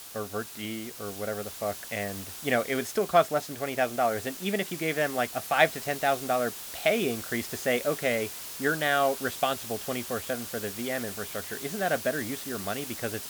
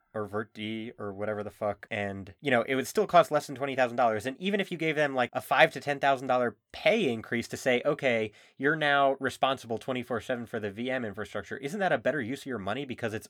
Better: second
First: hiss; loud; throughout; 8 dB below the speech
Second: none

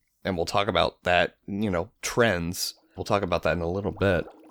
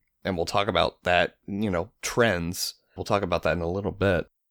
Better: second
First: household noises; faint; throughout; 25 dB below the speech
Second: none

